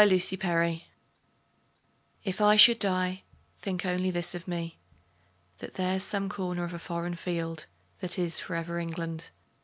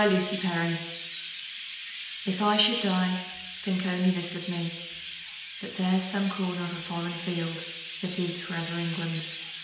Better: first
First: none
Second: background sound (Chirp, tweet); 9 dB below the speech // room echo; dies away in 1 s

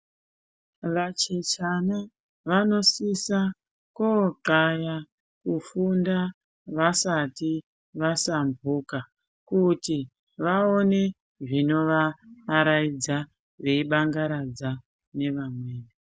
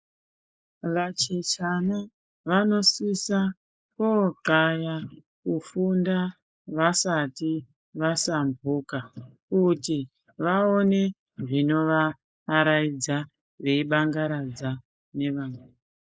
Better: first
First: none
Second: noise reduction (neural mask model Resemble Enhance denoiser)

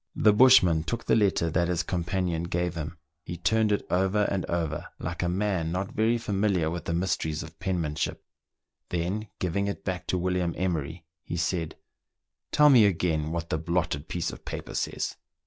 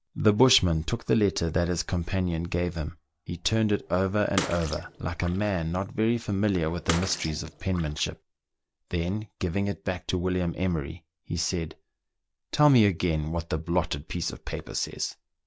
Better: first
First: none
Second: background sound (Bathtub (filling or washing) / Water / Splash, splatter); 11 dB below the speech

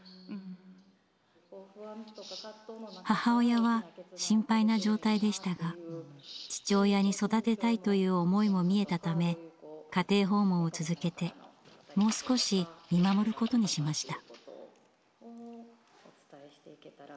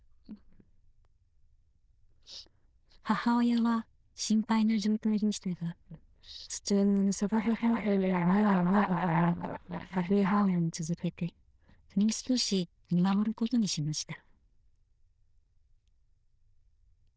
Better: first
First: none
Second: noise reduction (neural diffusion model UNIVERSE++)

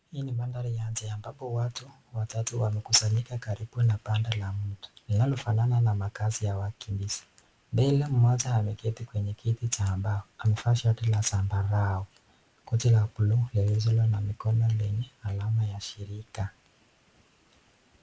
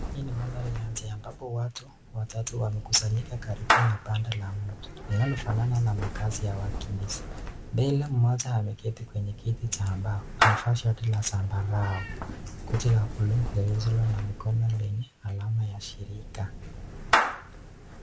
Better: first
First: none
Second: background sound (Meow / Clapping); 5 dB below the speech

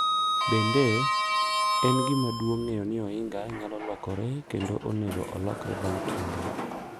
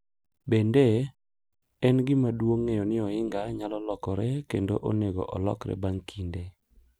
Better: second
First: background sound (Sliding door); as loud as the speech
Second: none

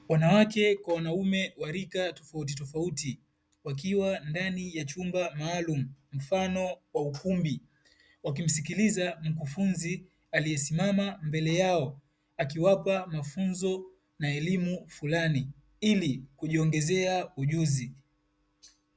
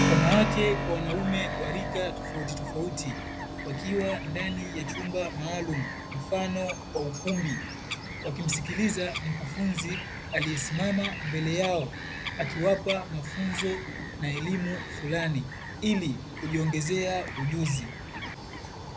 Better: first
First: none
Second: background sound (Bird vocalization, bird call, bird song + Keyboard (musical)); 4 dB below the speech

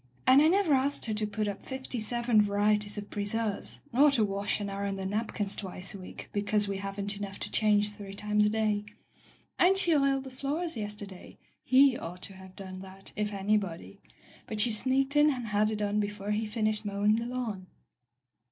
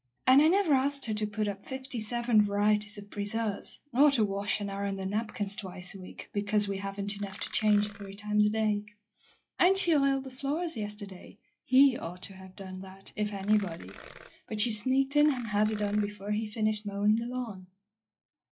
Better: first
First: none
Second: noise reduction (classical method log-MMSE)

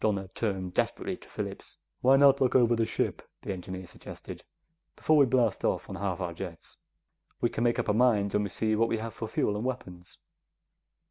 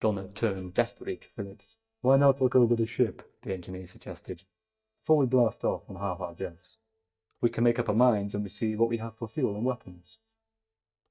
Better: first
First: none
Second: noise reduction (neural mask model DeepFilterNet 3)

